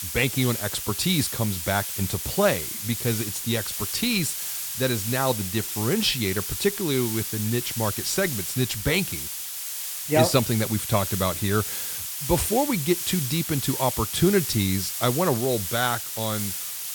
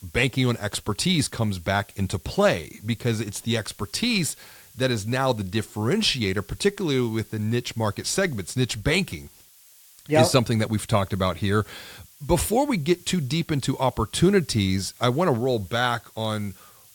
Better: second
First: hiss; loud; throughout; 3 dB below the speech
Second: hiss; faint; throughout; 25 dB below the speech

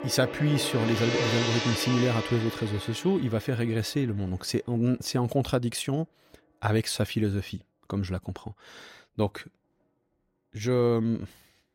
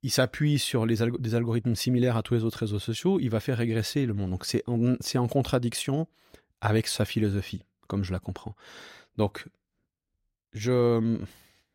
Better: second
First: background music; loud; throughout; 4 dB below the speech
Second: none

